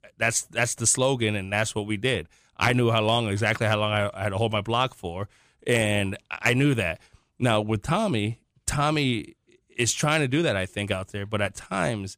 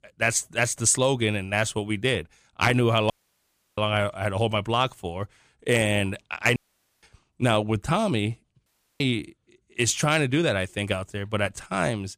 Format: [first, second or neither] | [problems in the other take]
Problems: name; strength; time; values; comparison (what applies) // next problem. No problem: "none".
first | audio cutting out; at 3 s for 0.5 s, at 6.5 s and at 8.5 s